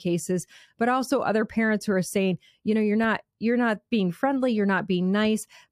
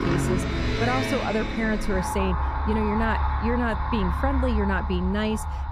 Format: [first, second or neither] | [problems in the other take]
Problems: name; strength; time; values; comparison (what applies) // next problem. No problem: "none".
first | traffic noise; very loud; throughout; as loud as the speech